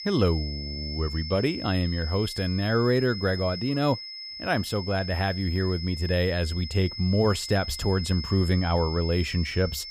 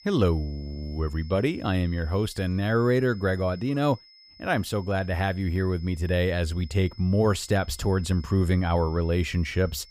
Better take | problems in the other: second | high-pitched whine; loud; throughout; 5 kHz, 9 dB below the speech; faint in the second

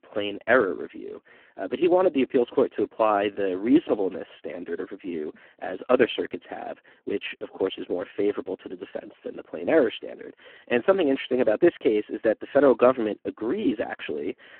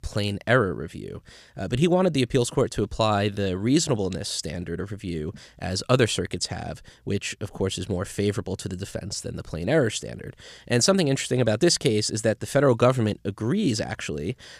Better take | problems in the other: second | phone-call audio; poor line

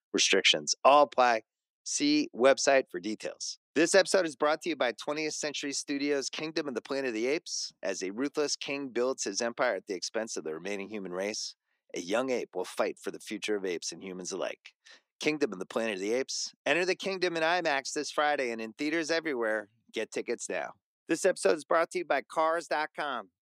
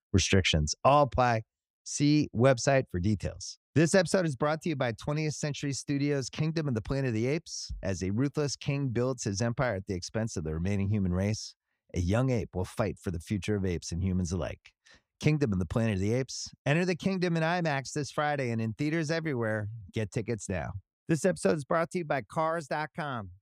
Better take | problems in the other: second | thin; somewhat; fading below 300 Hz

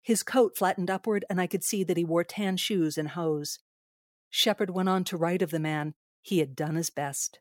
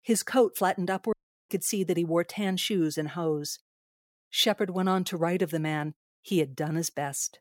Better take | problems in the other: first | audio cutting out; at 1 s

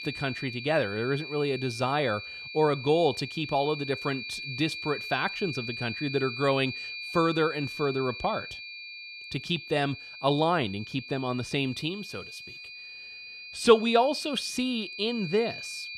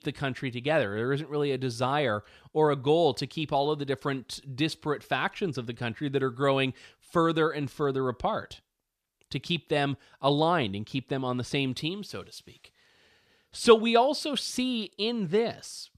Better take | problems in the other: second | high-pitched whine; loud; throughout; 2.5 kHz, 9 dB below the speech

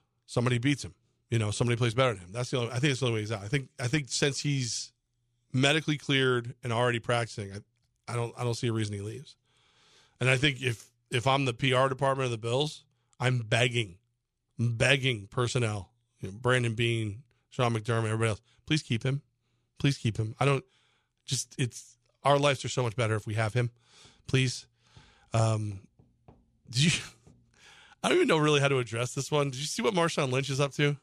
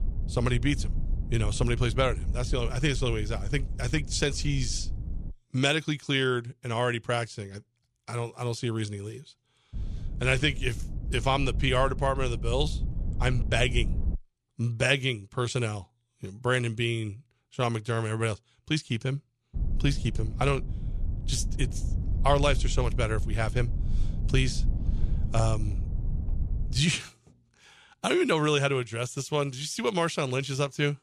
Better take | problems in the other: first | low rumble; noticeable; until 5.5 s, from 9.5 to 14 s and from 20 to 27 s; 20 dB below the speech

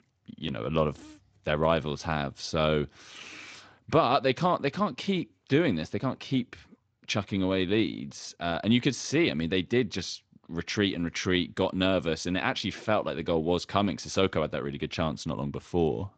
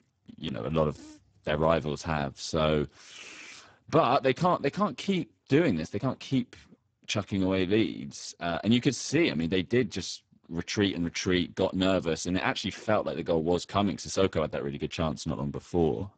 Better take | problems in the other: first | garbled, watery; badly; nothing above 7.5 kHz; slightly in the first

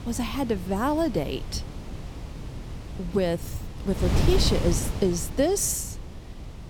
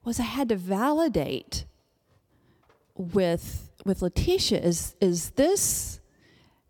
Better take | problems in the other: second | wind noise on the microphone; occasional gusts; 10 dB below the speech

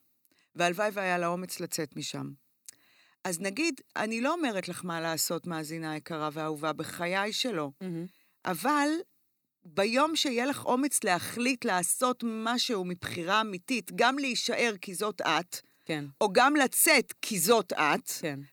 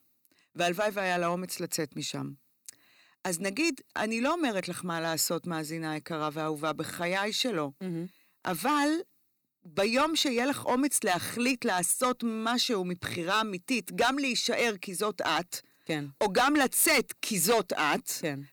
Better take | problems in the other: first | distortion; slight; 3% of the sound clipped

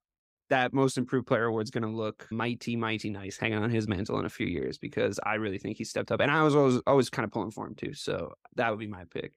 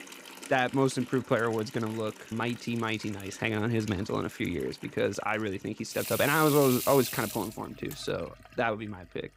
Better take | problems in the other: first | household noises; loud; throughout; 10 dB below the speech

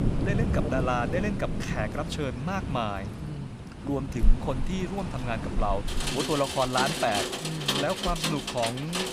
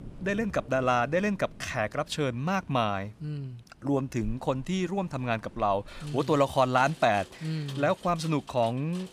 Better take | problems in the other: second | rain or running water; loud; throughout; as loud as the speech; faint in the second

